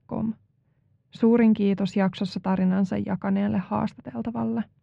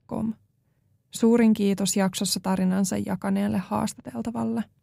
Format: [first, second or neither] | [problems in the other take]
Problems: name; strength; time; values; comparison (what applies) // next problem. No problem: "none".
second | muffled; slightly; fading above 3 kHz